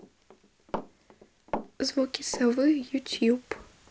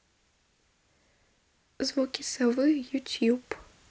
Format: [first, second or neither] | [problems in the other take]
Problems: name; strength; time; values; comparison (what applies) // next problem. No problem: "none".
second | background sound (Run); 12 dB below the speech